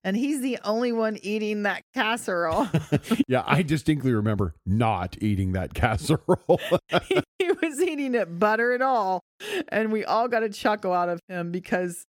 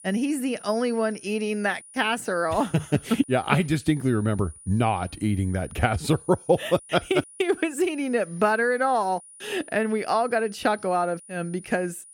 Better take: first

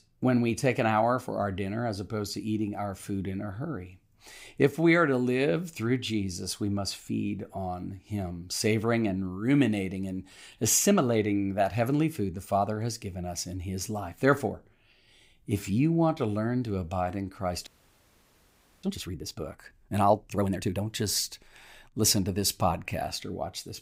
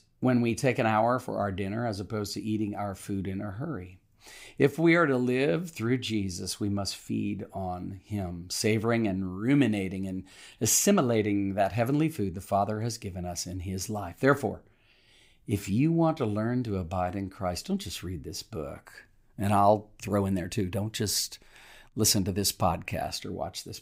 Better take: second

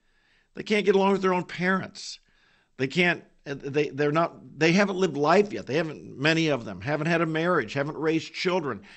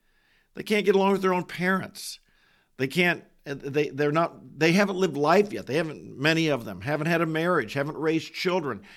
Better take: second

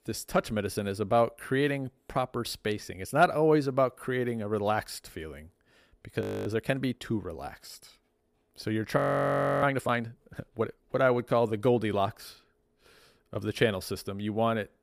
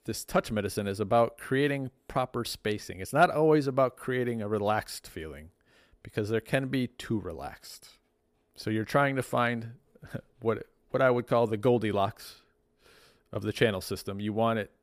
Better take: second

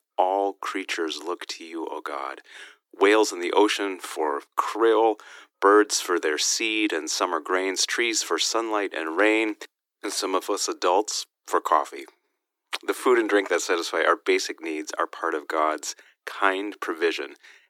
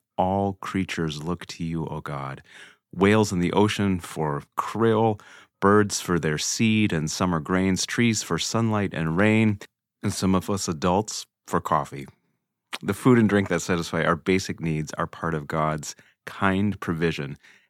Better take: second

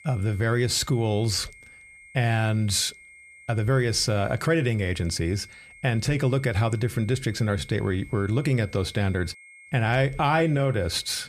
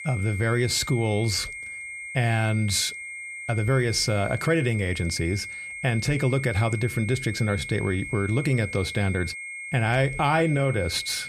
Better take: first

